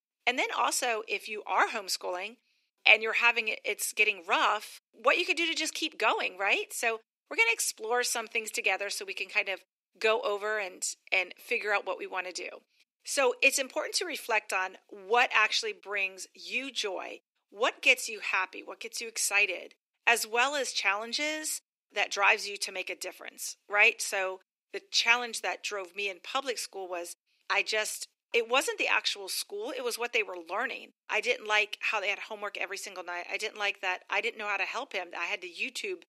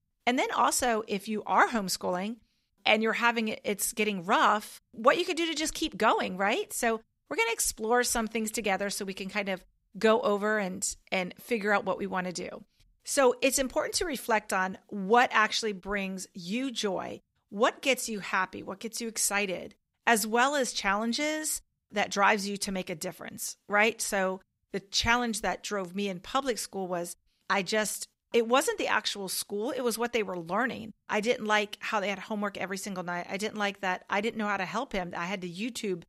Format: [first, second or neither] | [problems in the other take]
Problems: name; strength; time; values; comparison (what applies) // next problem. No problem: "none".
second | thin; somewhat; fading below 300 Hz